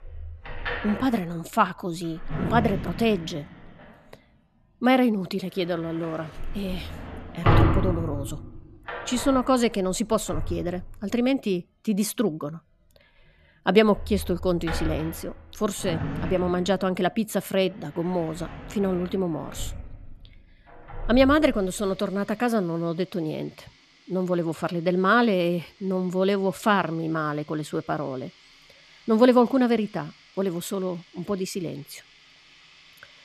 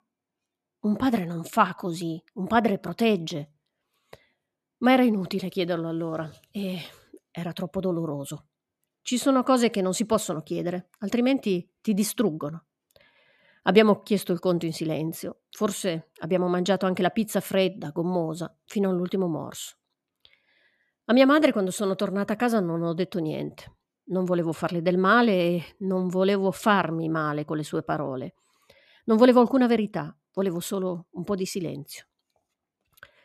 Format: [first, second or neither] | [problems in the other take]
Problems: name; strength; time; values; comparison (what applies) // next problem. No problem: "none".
second | household noises; loud; throughout; 7 dB below the speech